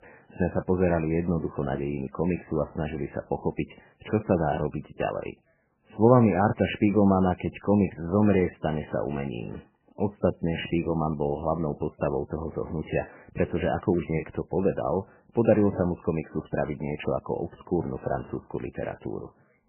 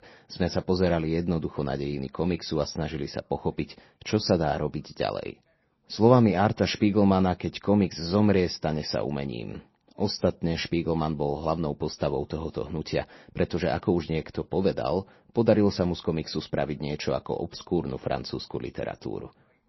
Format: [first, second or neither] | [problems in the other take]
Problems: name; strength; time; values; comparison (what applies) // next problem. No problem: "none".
second | garbled, watery; badly; nothing above 3 kHz; slightly in the second